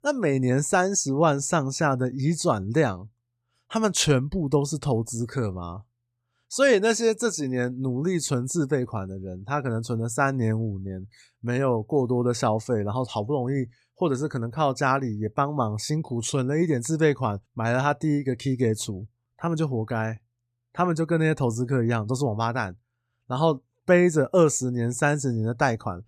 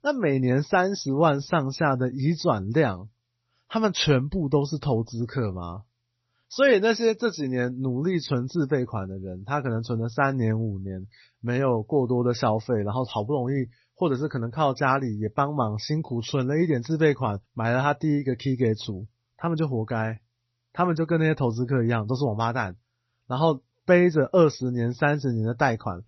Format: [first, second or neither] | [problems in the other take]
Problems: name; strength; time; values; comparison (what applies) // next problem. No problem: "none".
first | garbled, watery; slightly; nothing above 6 kHz